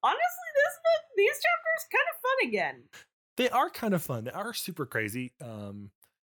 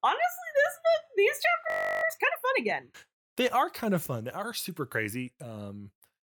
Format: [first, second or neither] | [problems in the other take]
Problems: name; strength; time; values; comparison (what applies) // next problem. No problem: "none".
first | audio freezing; at 1.5 s